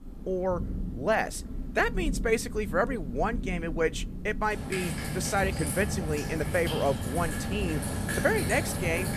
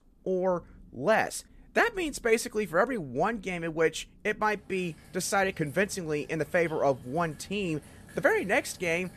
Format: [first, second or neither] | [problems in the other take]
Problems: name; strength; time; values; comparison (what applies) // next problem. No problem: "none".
second | rain or running water; loud; throughout; 4 dB below the speech; faint in the second